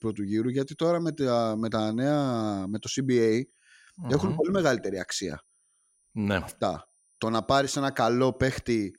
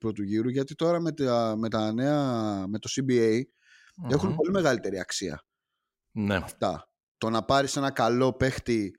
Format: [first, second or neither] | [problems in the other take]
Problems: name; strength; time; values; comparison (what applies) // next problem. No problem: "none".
second | high-pitched whine; faint; throughout; 9.5 kHz, 35 dB below the speech